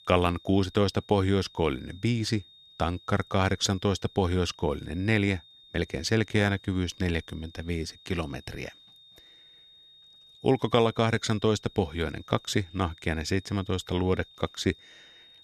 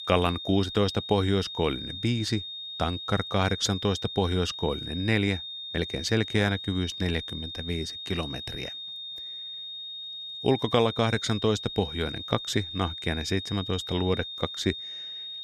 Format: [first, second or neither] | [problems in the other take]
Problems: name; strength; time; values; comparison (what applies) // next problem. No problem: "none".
first | high-pitched whine; loud; throughout; 3.5 kHz, 7 dB below the speech; faint in the first